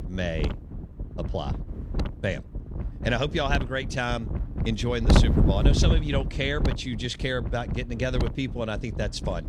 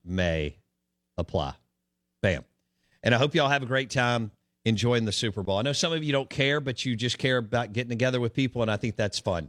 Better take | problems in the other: second | wind noise on the microphone; heavy; 6 dB below the speech

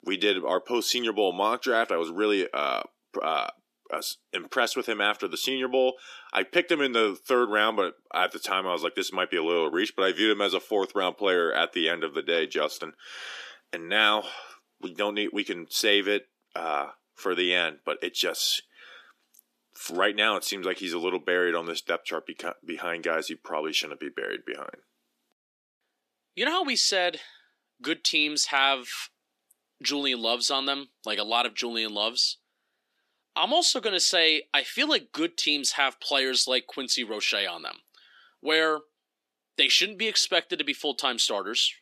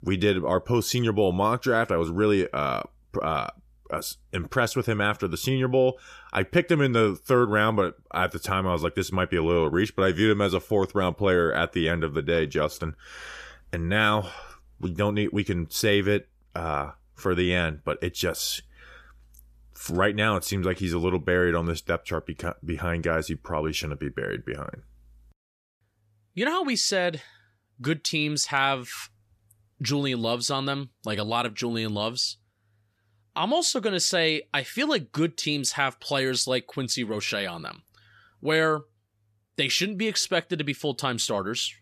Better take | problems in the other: second | thin; somewhat; fading below 250 Hz

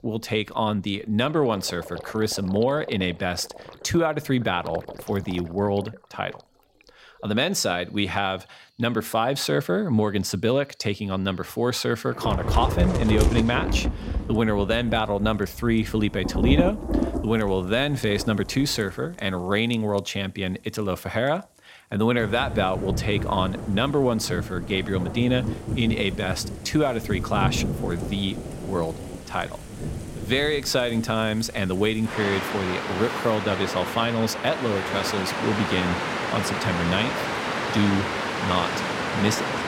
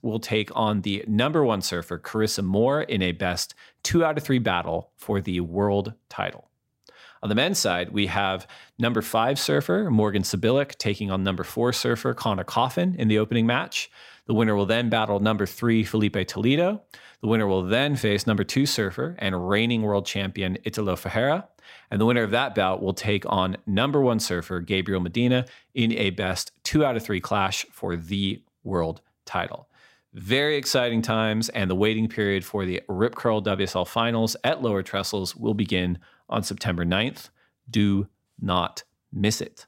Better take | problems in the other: second | rain or running water; loud; throughout; 4 dB below the speech

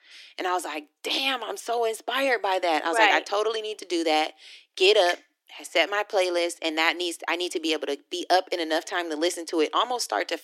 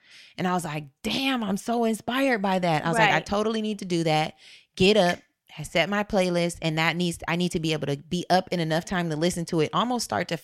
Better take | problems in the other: second | thin; very; fading below 300 Hz

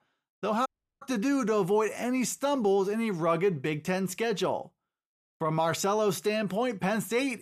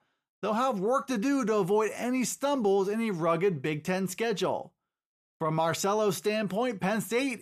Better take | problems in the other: second | audio cutting out; at 0.5 s

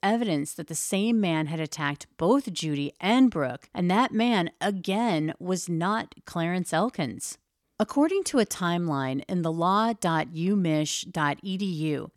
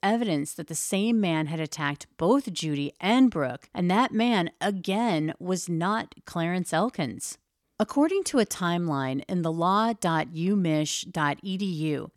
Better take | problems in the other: neither | none

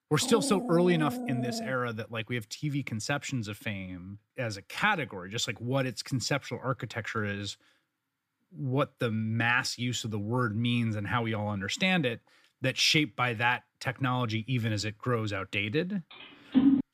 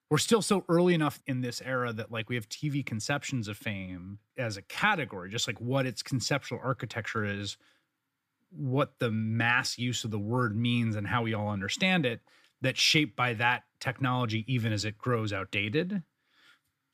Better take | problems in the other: second | dog barking; noticeable; until 1.5 s; peak 4 dB below the speech // phone ringing; loud; at 16 s; peak 6 dB above the speech

